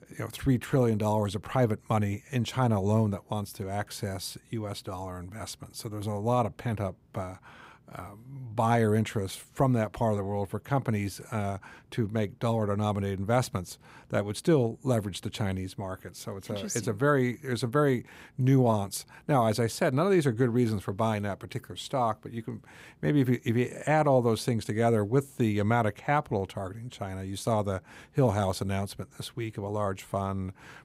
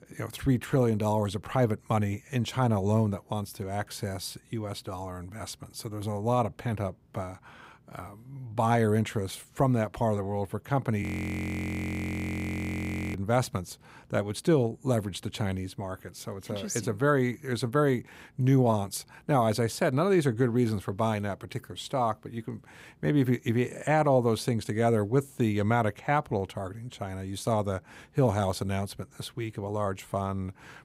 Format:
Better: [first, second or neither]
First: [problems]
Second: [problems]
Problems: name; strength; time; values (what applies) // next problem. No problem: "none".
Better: first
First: none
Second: audio freezing; at 11 s for 2 s